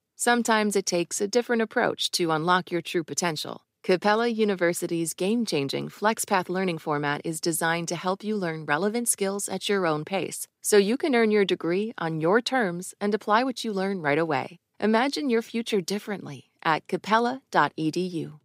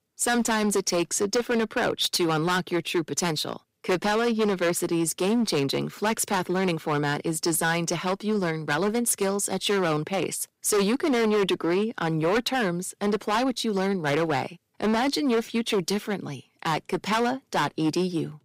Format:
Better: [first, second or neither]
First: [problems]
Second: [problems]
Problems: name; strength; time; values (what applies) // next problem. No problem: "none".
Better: first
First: none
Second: distortion; heavy; 13% of the sound clipped